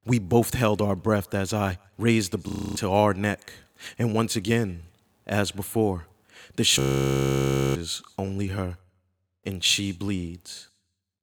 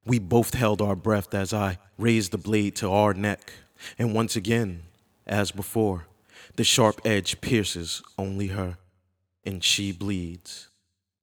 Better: second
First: audio freezing; at 2.5 s and at 7 s for 1 s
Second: none

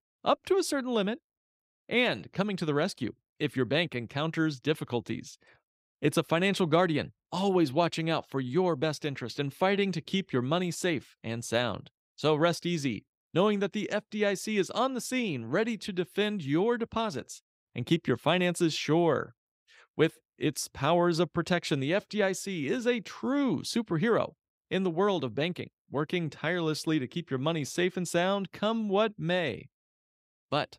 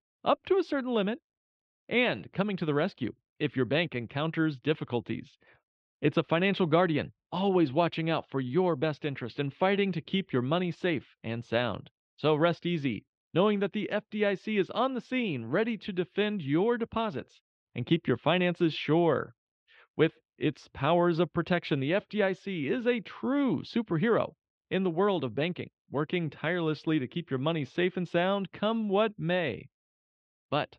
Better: first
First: none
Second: muffled; slightly; fading above 3 kHz

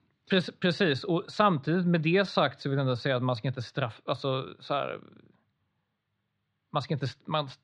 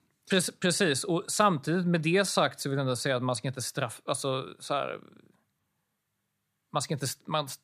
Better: second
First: muffled; very slightly; fading above 4 kHz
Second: none

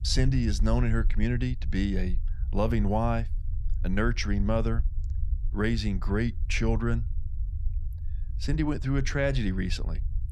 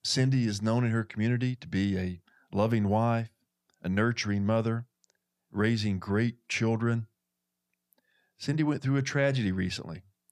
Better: second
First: low rumble; faint; throughout; 20 dB below the speech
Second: none

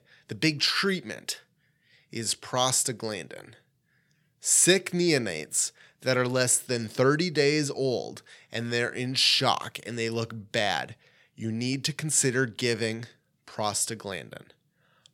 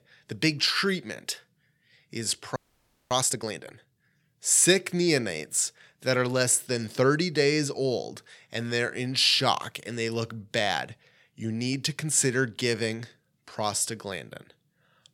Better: first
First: none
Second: audio freezing; at 2.5 s for 0.5 s

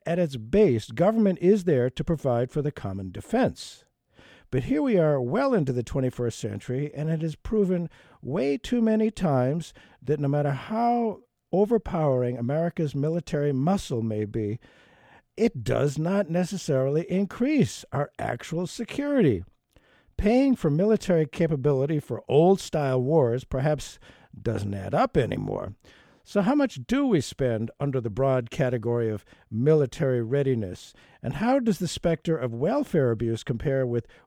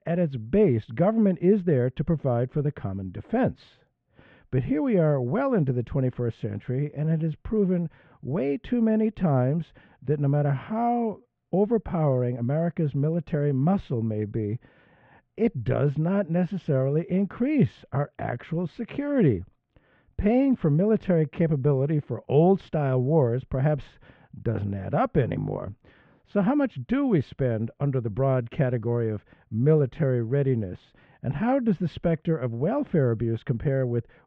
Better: first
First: none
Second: muffled; very; fading above 2.5 kHz

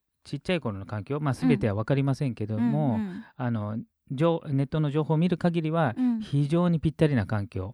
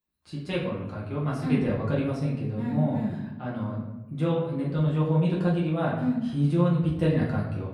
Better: first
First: none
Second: off-mic speech; far // room echo; noticeable; dies away in 0.9 s

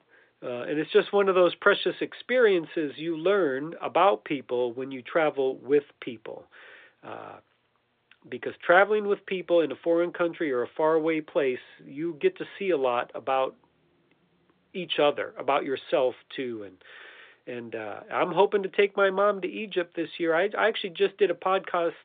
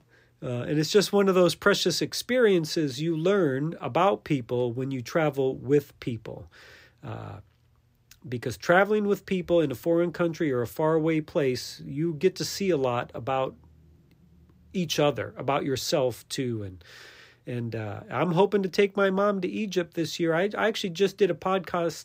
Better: second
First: phone-call audio; nothing above 3.5 kHz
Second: none

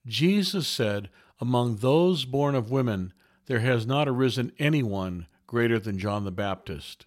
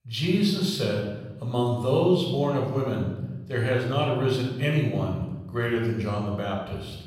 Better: first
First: none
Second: off-mic speech; somewhat distant // room echo; noticeable; dies away in 1 s

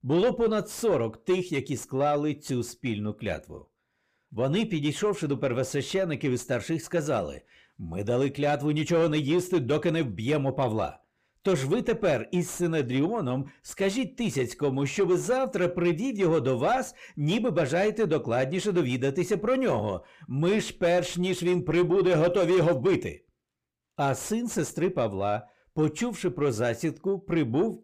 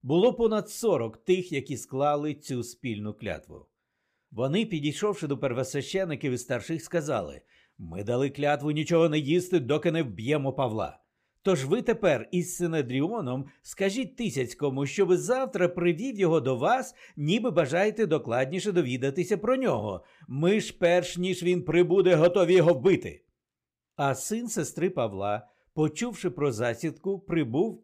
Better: second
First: distortion; slight; 10 dB below the speech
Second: none

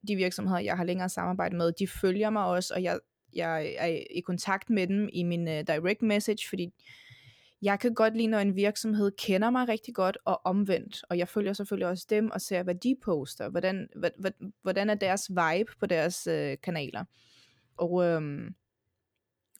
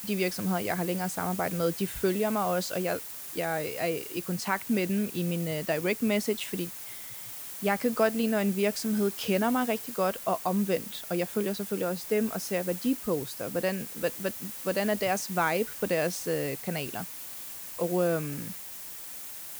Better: first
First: none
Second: hiss; loud; throughout; 8 dB below the speech

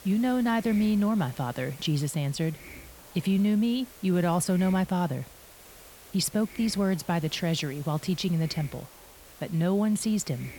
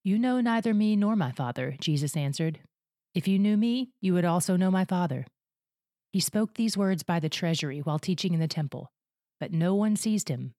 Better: second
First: hiss; noticeable; throughout; 20 dB below the speech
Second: none

